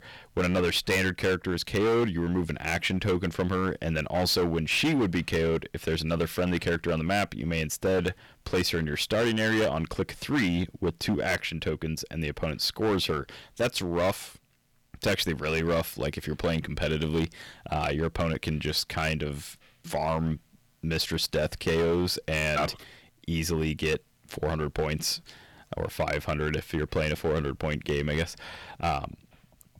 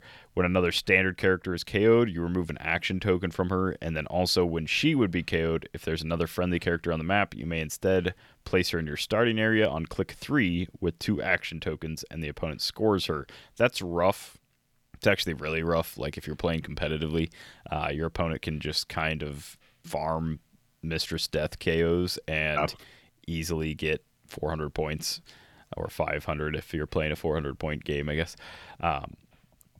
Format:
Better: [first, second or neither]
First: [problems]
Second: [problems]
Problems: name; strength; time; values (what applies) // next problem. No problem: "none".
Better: second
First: distortion; heavy; 10% of the sound clipped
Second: none